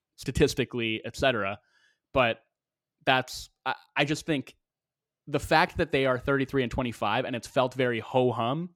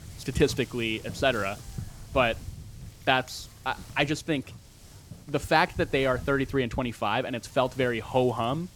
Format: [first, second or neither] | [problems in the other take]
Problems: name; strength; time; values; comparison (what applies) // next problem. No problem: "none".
first | wind noise on the microphone; occasional gusts; 25 dB below the speech